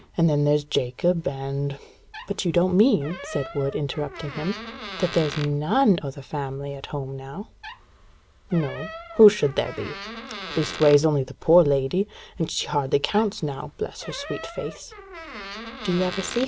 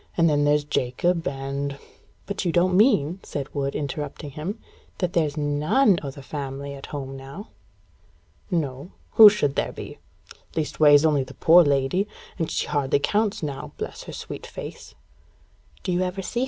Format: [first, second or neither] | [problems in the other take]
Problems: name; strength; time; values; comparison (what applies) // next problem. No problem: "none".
second | background sound (Door); 15 dB below the speech